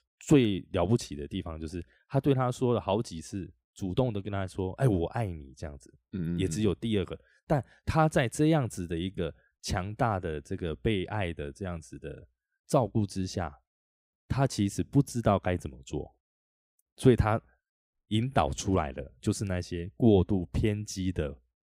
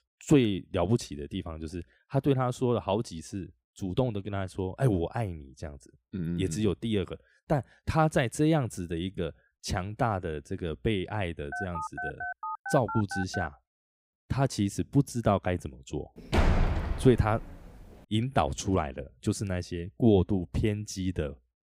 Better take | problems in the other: first | phone ringing; noticeable; from 12 to 13 s; peak 6 dB below the speech // door banging; loud; from 16 to 17 s; peak 3 dB above the speech

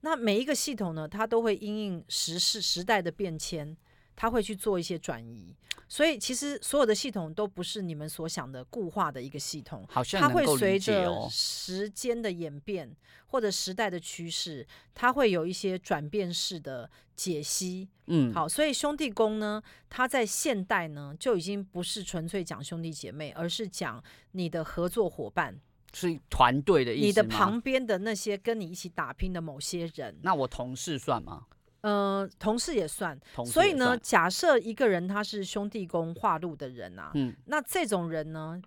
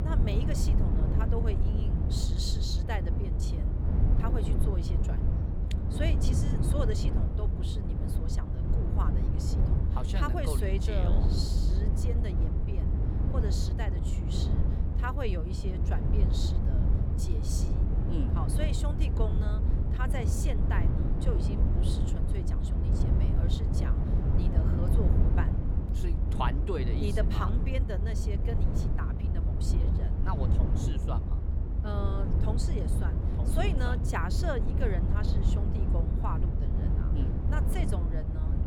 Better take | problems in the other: first | low rumble; loud; throughout; 2 dB below the speech

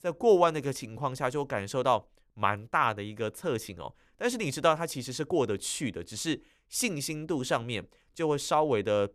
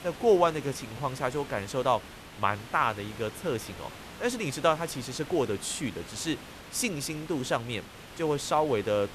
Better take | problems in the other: first | hiss; noticeable; throughout; 15 dB below the speech

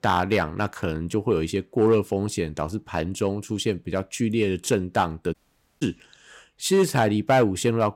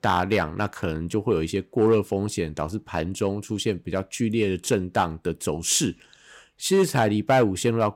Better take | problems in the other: second | audio cutting out; at 5.5 s

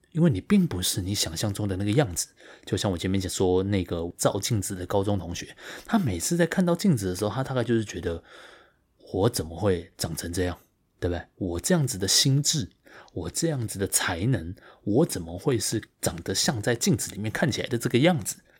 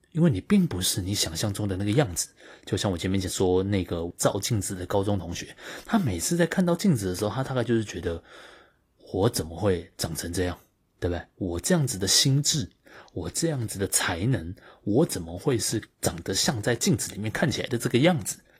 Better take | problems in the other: first | garbled, watery; slightly; nothing above 15 kHz

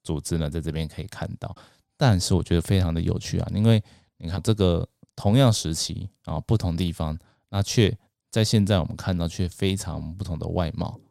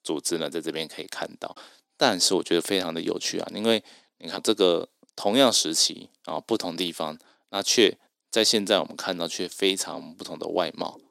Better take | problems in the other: first | thin; somewhat; fading below 300 Hz

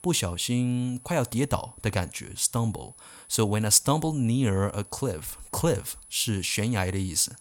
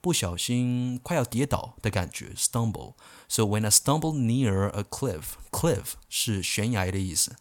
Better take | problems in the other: second | high-pitched whine; faint; throughout; 10 kHz, 20 dB below the speech

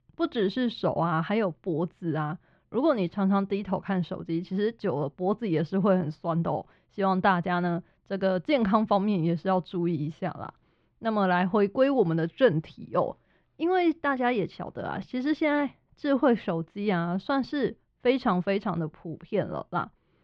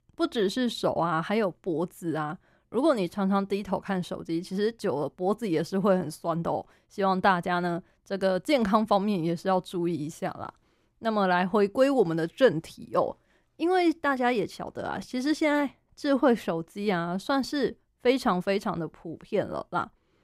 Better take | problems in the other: second | muffled; very slightly; fading above 4 kHz

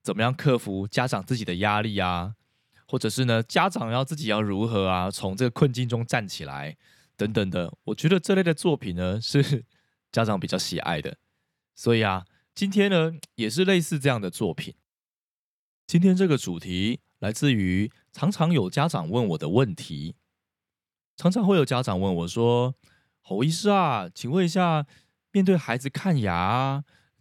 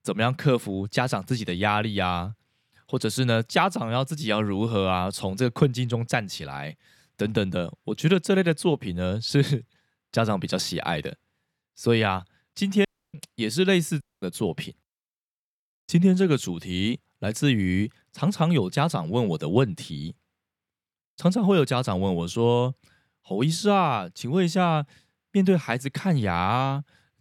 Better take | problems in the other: first | audio cutting out; at 13 s and at 14 s

